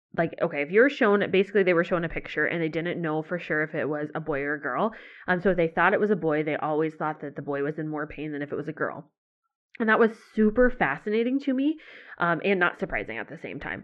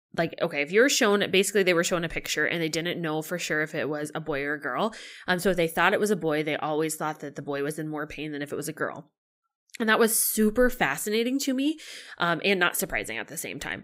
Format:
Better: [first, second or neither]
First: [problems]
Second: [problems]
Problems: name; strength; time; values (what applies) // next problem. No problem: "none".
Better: second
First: muffled; very; fading above 2 kHz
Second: none